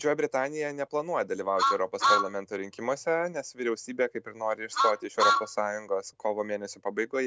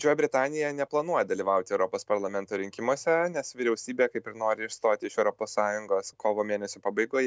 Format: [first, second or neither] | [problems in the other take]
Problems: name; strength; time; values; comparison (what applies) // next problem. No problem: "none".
second | background sound (Truck); 2 dB above the speech